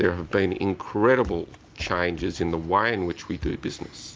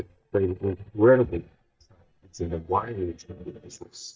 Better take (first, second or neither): first